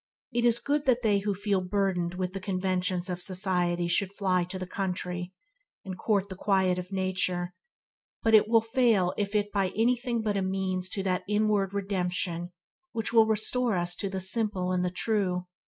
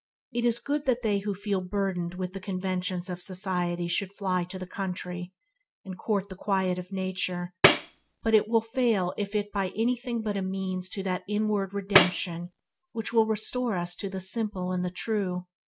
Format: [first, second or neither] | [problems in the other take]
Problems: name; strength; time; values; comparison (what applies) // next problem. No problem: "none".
first | background sound (Tambourine); as loud as the speech